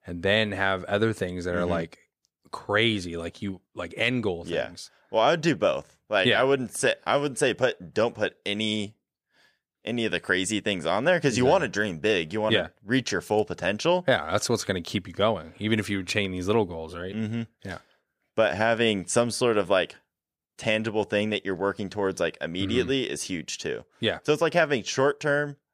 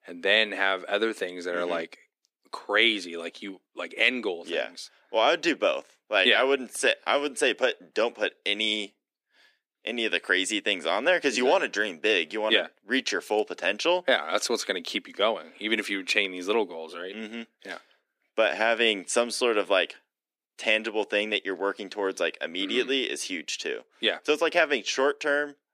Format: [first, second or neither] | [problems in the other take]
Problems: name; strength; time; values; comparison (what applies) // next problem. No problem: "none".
first | thin; very slightly; fading below 250 Hz